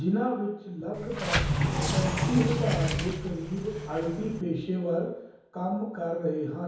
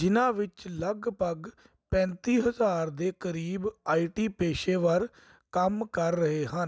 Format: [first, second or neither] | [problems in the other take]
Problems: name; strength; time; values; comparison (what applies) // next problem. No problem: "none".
second | background sound (Sliding door); 2 dB above the speech // room echo; dies away in 2.2 s